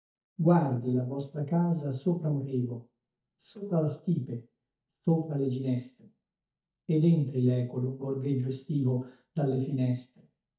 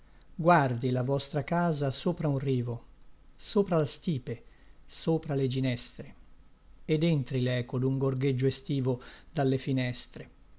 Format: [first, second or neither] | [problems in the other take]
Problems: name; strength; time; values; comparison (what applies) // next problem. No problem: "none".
second | noise reduction (neural mask model DeepFilterNet 3)